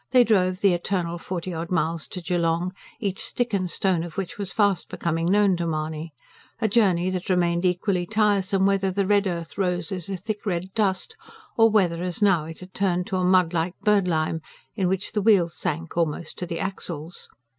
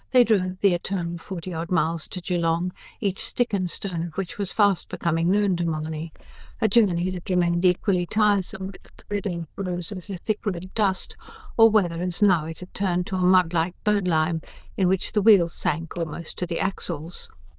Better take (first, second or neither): first